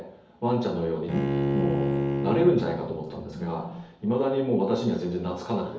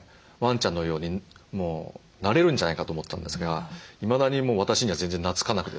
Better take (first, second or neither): second